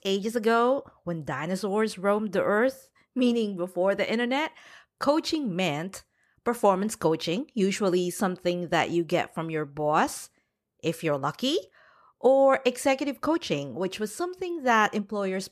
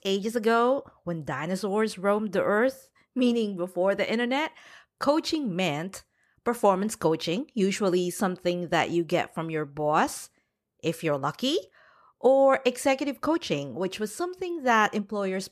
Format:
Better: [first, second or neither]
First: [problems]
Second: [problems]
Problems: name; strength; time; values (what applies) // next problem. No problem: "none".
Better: neither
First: none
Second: none